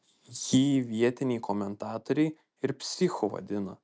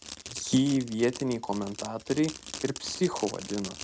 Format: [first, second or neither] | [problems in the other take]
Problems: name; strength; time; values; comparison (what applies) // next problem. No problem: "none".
first | background sound (Fireworks); 12 dB below the speech